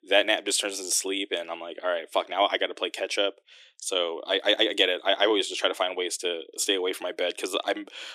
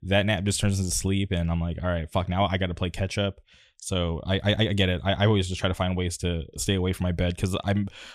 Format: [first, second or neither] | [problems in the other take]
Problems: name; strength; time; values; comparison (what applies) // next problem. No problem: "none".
second | thin; very; fading below 300 Hz